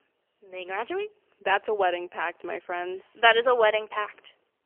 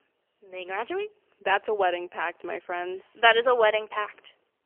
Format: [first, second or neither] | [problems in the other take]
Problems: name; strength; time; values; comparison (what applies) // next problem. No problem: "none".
neither | phone-call audio; poor line; nothing above 3 kHz; the same in both